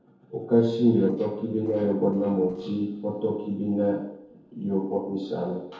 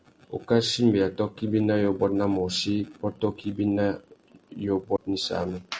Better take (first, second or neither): second